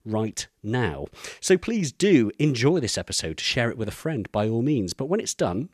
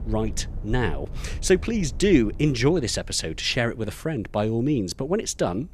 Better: first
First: none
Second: low rumble; faint; throughout; 25 dB below the speech

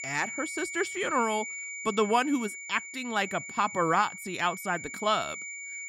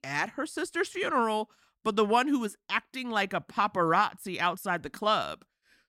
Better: second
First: high-pitched whine; loud; throughout; 2.5 kHz, 8 dB below the speech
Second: none

